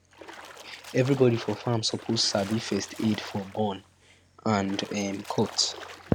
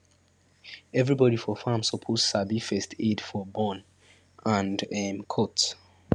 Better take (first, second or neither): second